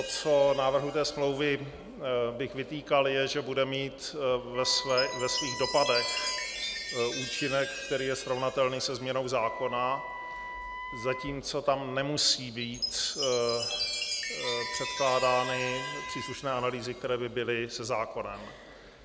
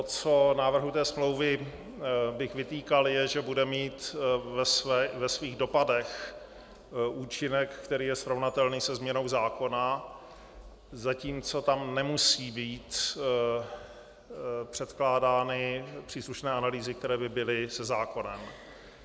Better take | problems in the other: second | background sound (Chime + Wind instrument, woodwind instrument); 8 dB below the speech

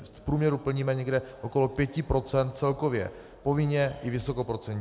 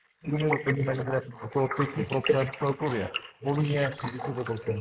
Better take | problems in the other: first | noise reduction (neural mask model Resemble Enhance denoiser)

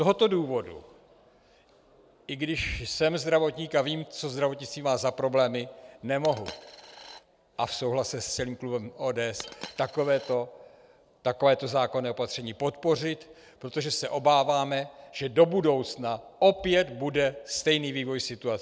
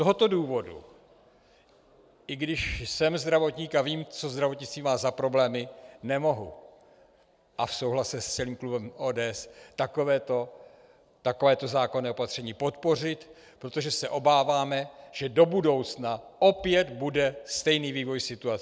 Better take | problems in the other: second | background sound (Coin (dropping)); 16 dB below the speech

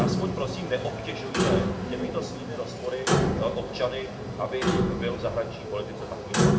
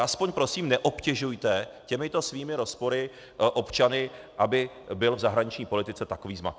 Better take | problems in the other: second | background sound (Clock); 5 dB above the speech // room echo; dies away in 2.3 s

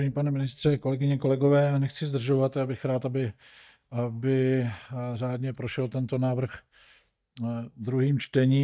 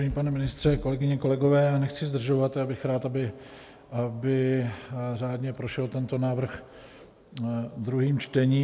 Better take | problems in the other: second | noise reduction (neural mask model DeepFilterNet 3)

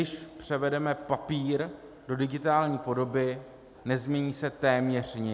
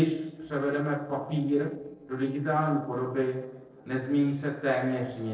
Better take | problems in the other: first | noise reduction (neural separator model SepFormer DNS4)

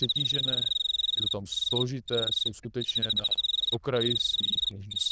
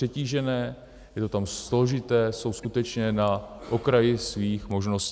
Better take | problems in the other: second | noise reduction (neural diffusion model UNIVERSE++)

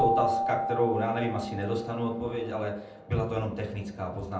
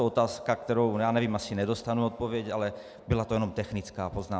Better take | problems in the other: second | background sound (Keyboard (musical)); 3 dB below the speech // room echo; dies away in 0.6 s

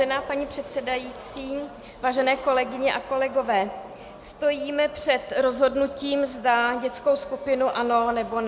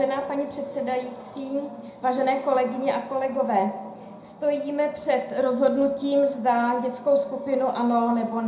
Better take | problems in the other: first | room echo; dies away in 0.4 s

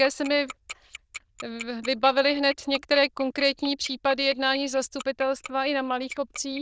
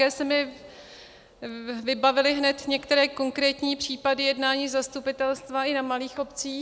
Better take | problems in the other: second | noise reduction (neural diffusion model UNIVERSE++)

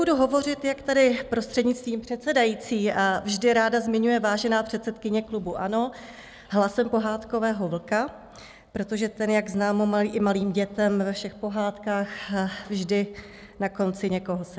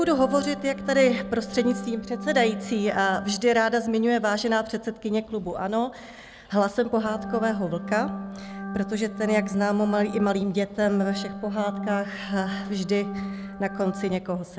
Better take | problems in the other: first | background sound (Organ); 8 dB below the speech

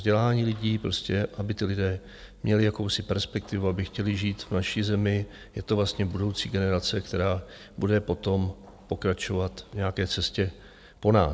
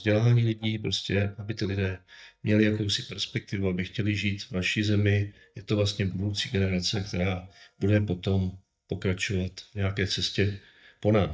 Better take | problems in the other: first | noise reduction (neural mask model DeepFilterNet 3)

